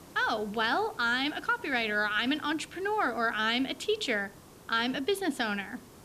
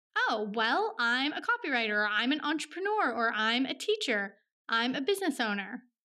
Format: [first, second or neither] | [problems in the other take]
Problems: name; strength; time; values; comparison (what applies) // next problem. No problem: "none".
second | hiss; faint; throughout; 20 dB below the speech